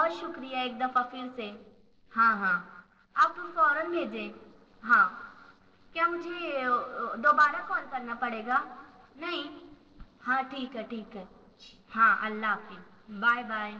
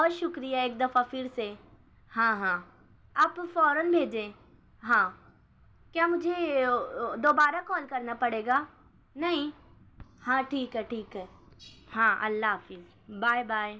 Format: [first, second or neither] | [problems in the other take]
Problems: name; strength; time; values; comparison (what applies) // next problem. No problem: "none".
second | noise reduction (neural separator model SepFormer DNS4)